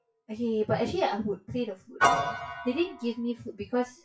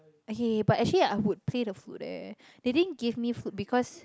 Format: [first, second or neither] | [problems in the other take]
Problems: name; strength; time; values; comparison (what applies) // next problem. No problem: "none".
second | noise reduction (classical method WPE with log-MMSE)